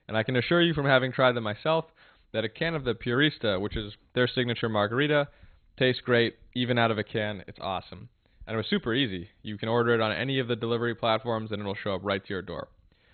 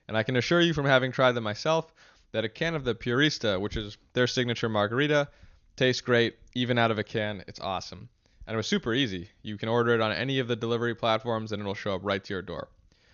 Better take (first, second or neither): second